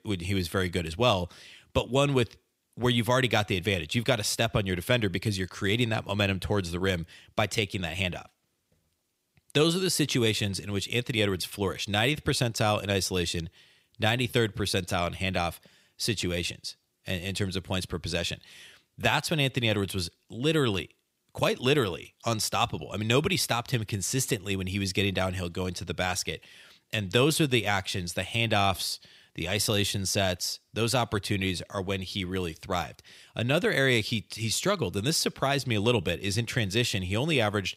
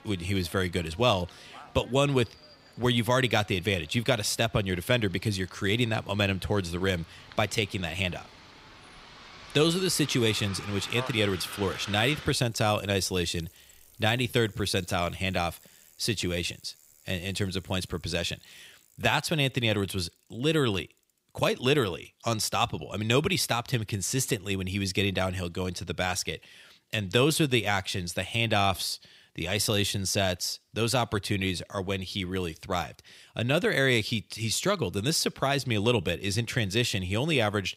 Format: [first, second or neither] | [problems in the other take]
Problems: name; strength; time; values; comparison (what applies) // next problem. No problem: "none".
first | traffic noise; noticeable; throughout; 20 dB below the speech